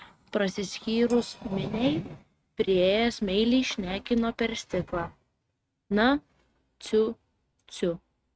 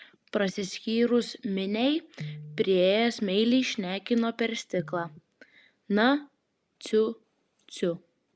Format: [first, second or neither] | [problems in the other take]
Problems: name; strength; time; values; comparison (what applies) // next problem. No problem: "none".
second | noise reduction (neural mask model RNNoise)